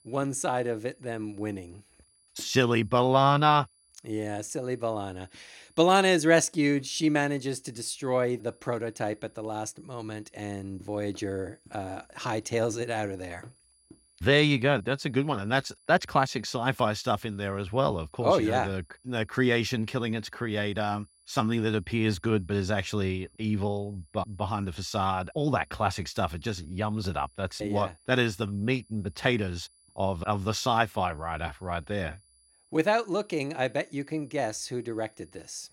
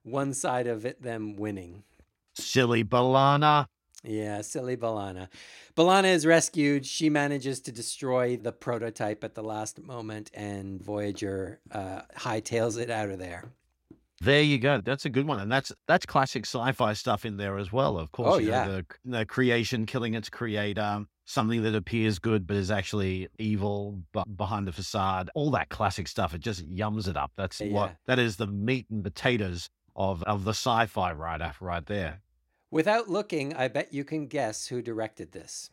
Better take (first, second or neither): second